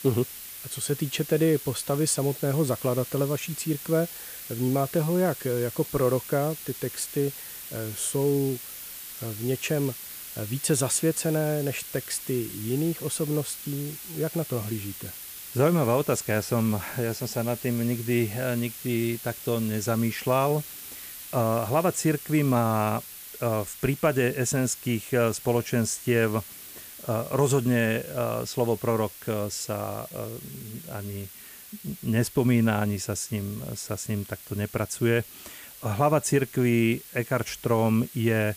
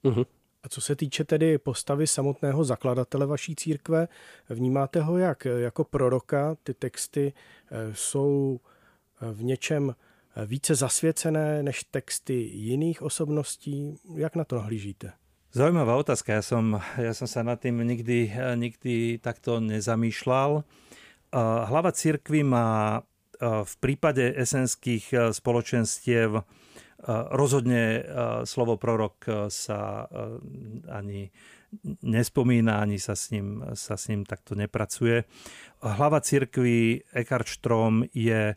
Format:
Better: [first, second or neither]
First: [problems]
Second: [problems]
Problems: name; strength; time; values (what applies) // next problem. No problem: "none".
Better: second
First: hiss; noticeable; throughout; 10 dB below the speech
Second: none